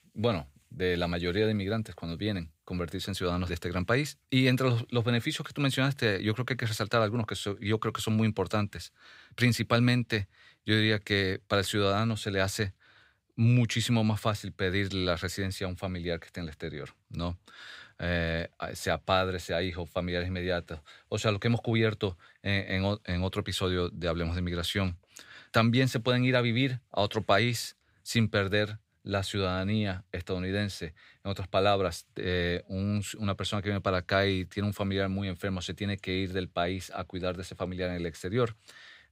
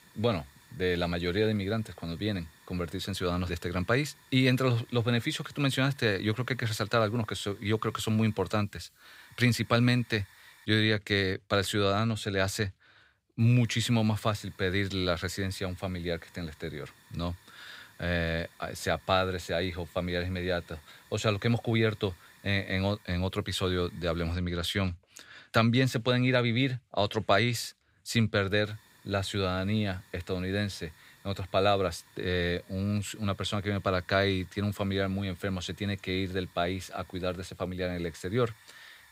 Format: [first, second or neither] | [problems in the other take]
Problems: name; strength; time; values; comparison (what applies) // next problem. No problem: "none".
first | hiss; faint; until 11 s, from 13 to 24 s and from 29 s on; 25 dB below the speech